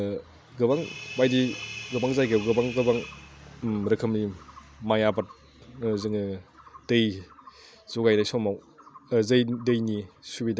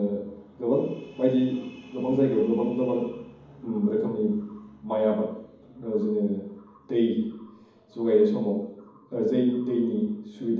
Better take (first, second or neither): first